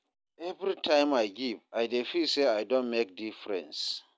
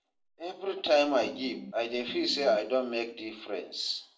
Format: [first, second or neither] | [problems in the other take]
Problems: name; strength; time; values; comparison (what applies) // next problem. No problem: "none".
first | background sound (Piano); 13 dB below the speech // room echo; dies away in 0.4 s